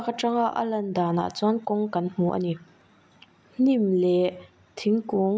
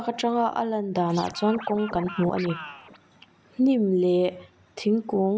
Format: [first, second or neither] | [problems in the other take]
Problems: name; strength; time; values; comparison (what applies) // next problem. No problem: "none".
first | background sound (Scratching (performance technique)); 14 dB below the speech